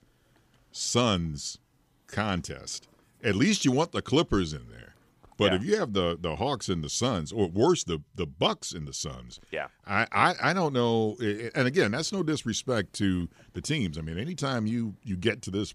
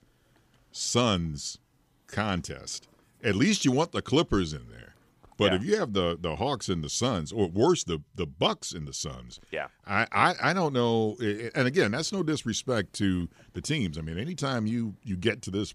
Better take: neither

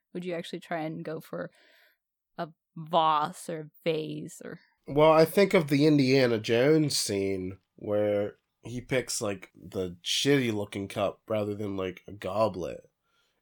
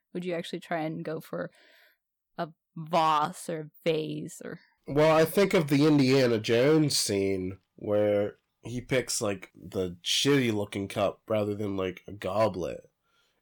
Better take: first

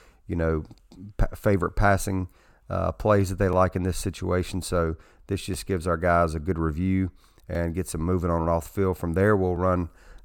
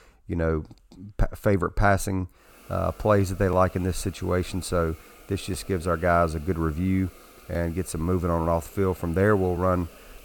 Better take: first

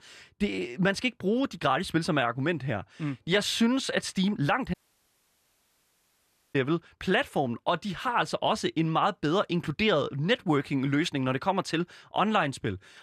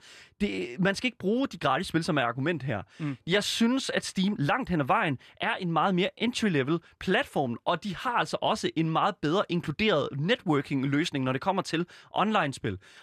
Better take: second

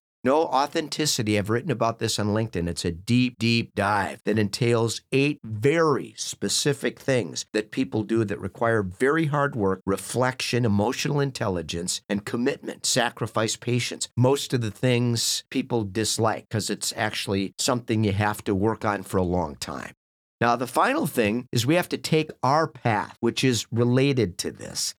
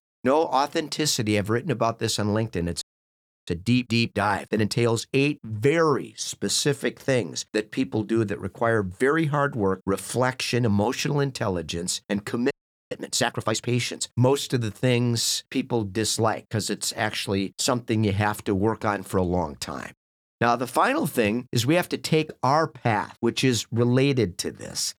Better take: first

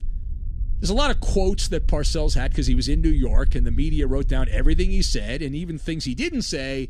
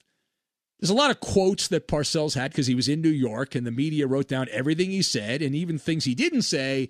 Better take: second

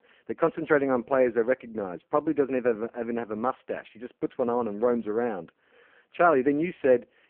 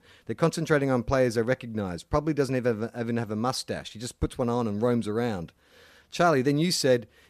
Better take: second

